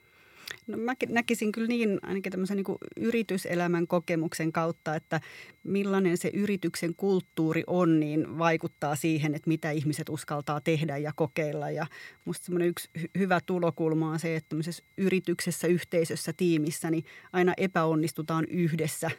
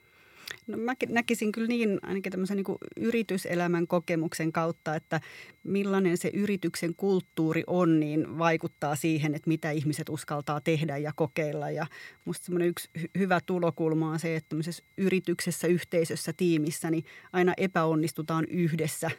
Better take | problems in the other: neither | high-pitched whine; faint; throughout; 2 kHz, 35 dB below the speech; the same in both

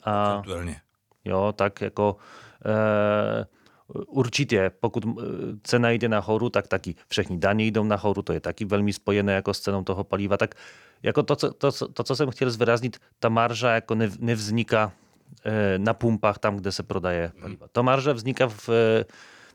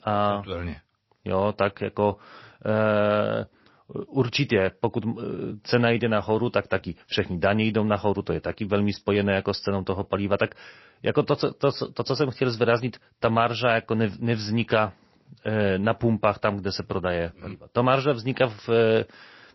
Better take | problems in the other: first | garbled, watery; slightly; nothing above 5.5 kHz

